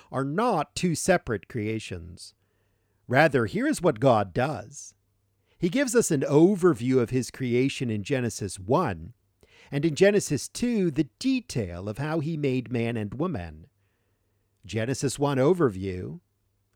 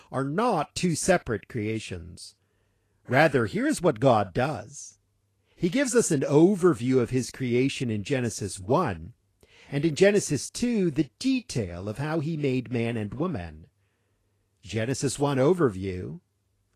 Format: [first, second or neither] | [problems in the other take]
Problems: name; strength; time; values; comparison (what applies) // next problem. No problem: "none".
first | garbled, watery; slightly; nothing above 12.5 kHz